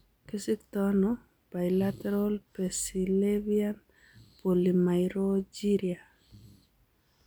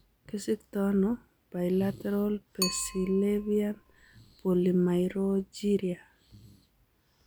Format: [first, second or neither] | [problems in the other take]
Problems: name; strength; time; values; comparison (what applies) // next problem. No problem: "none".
first | background sound (Bicycle); 12 dB below the speech